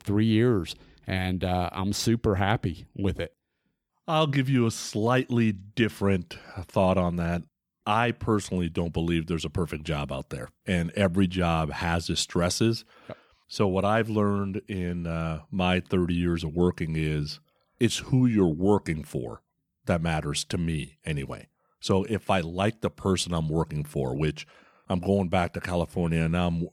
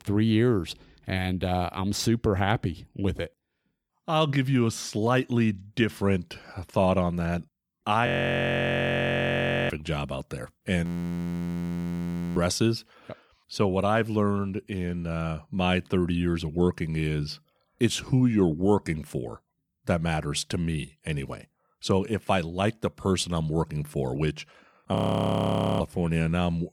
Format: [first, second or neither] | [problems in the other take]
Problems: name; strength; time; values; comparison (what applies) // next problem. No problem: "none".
first | audio freezing; at 8 s for 1.5 s, at 11 s for 1.5 s and at 25 s for 1 s